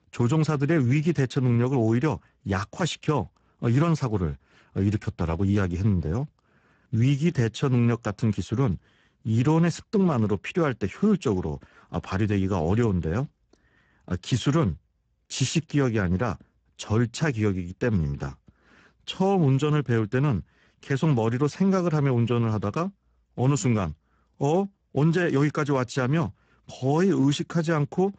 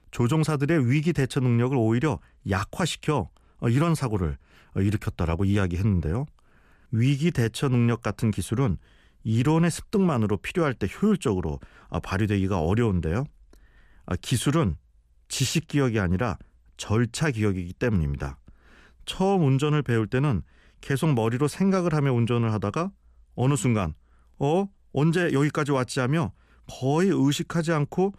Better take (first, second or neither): second